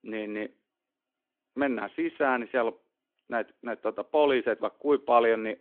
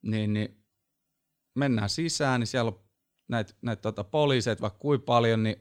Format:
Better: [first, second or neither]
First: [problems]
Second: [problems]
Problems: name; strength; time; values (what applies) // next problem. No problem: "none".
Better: second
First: phone-call audio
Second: none